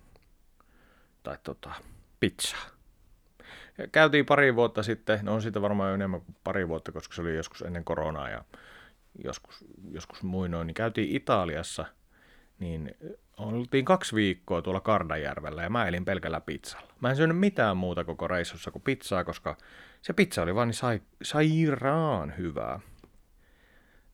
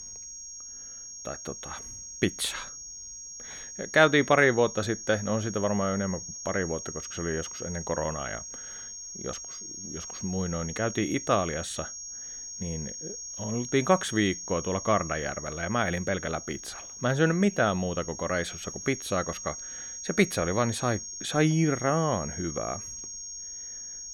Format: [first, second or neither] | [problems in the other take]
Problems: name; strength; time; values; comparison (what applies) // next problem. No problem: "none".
first | high-pitched whine; loud; throughout; 6.5 kHz, 9 dB below the speech